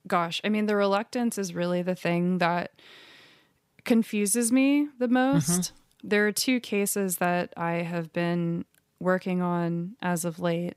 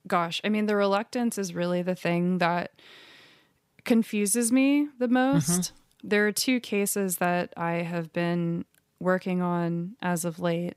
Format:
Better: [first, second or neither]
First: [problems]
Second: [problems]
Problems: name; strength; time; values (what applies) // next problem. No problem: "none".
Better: neither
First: none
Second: none